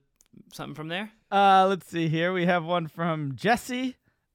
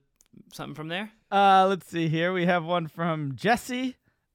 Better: neither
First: none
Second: none

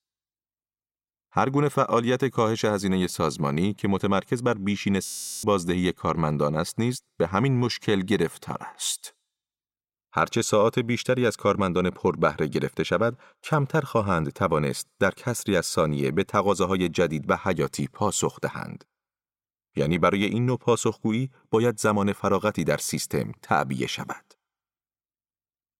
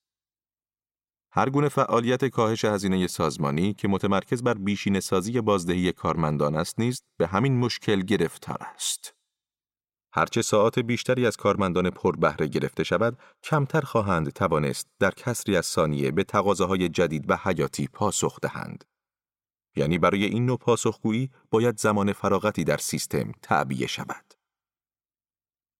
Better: second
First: audio freezing; at 5 s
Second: none

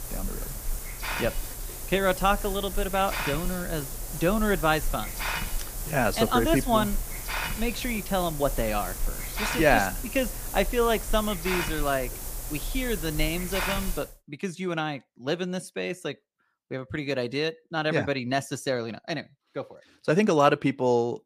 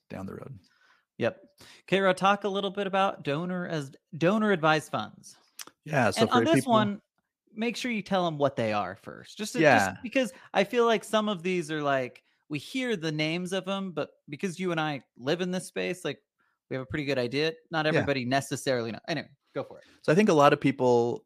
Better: second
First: hiss; loud; until 14 s; 6 dB below the speech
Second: none

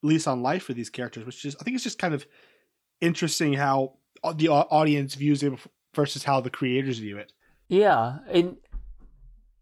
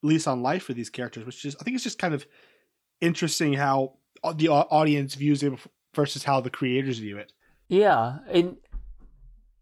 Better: neither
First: none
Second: none

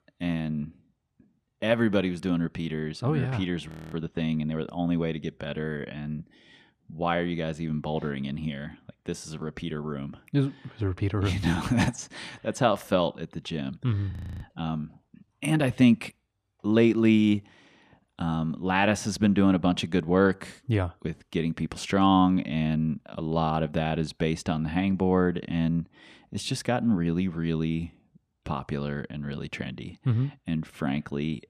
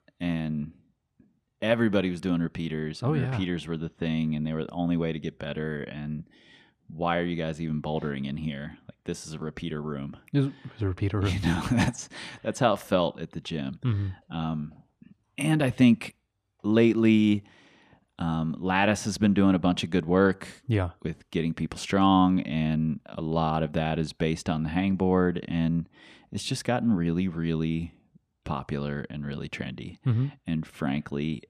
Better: second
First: audio freezing; at 3.5 s and at 14 s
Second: none

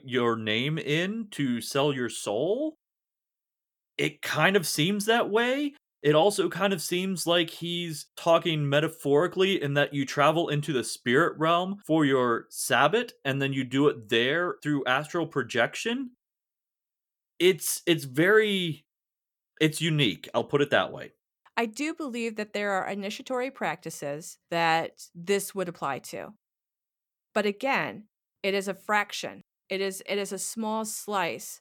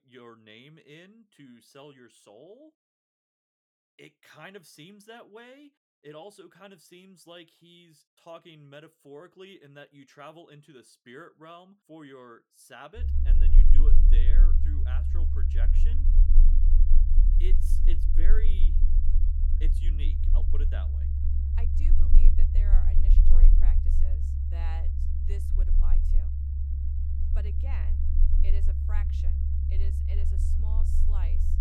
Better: first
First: none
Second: low rumble; loud; from 13 s on; as loud as the speech

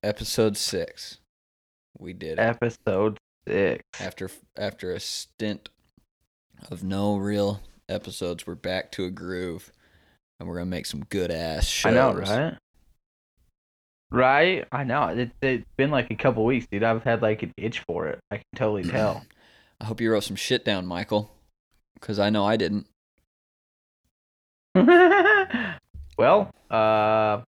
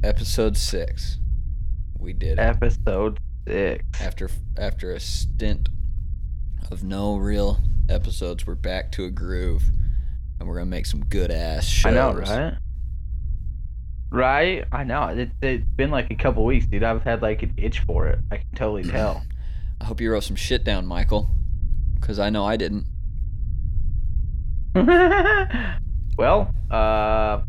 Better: first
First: none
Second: low rumble; faint; throughout; 25 dB below the speech

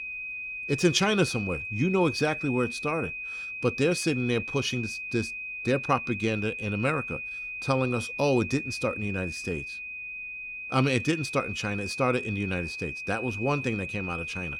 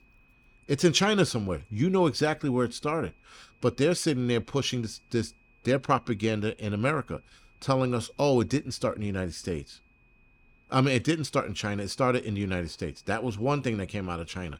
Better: second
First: high-pitched whine; loud; throughout; 2.5 kHz, 5 dB below the speech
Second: high-pitched whine; faint; throughout; 2.5 kHz, 35 dB below the speech

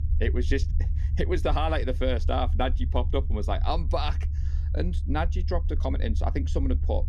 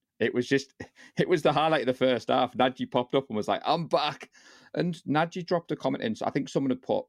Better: second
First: low rumble; noticeable; throughout; 15 dB below the speech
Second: none

